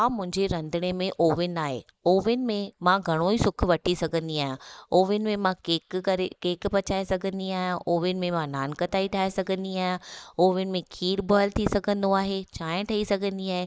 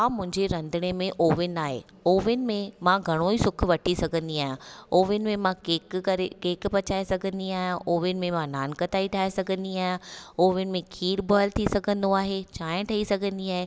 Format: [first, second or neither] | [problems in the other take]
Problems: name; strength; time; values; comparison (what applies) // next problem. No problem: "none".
second | noise reduction (neural mask model Resemble Enhance denoiser)